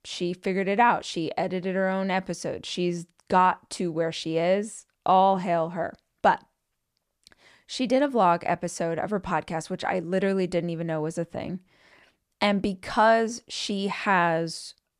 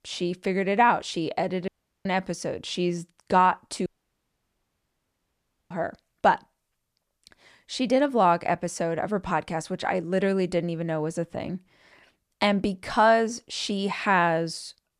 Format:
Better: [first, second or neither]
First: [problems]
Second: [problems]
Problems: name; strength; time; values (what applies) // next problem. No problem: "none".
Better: first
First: none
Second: audio cutting out; at 1.5 s and at 4 s for 2 s